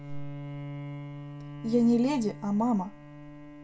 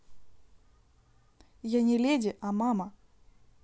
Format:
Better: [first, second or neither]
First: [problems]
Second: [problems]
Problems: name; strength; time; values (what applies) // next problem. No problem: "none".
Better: second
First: background sound (Bowed string instrument); 11 dB below the speech // room echo; dies away in 0.2 s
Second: none